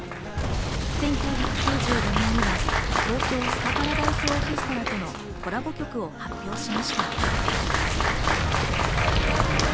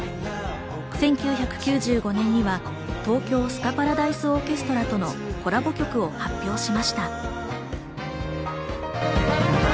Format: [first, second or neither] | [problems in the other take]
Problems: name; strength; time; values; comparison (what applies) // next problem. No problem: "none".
second | background sound (Applause + Boom); 5 dB above the speech